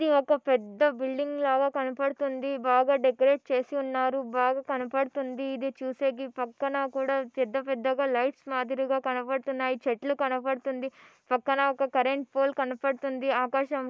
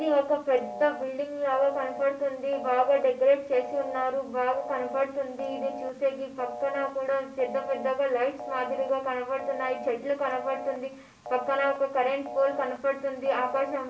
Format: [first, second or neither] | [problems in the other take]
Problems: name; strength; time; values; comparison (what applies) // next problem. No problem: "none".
first | background sound (Telephone); 12 dB below the speech // room echo; dies away in 0.3 s